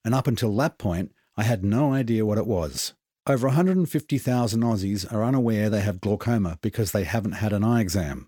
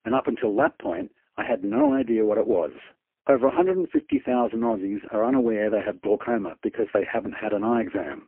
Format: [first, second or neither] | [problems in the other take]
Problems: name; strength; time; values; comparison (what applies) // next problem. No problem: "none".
first | phone-call audio; poor line